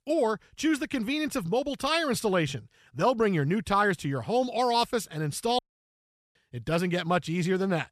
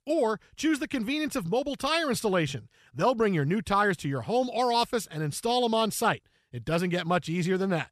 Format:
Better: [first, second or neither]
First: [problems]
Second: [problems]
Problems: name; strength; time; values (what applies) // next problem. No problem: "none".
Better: second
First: audio cutting out; at 5.5 s for 1 s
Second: none